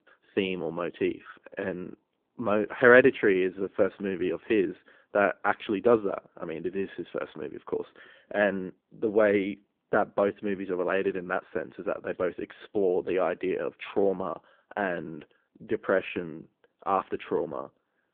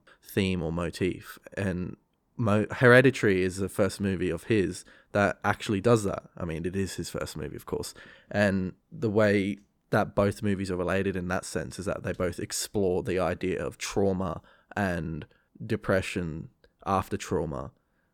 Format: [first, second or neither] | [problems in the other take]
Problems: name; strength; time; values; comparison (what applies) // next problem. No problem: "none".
second | phone-call audio; poor line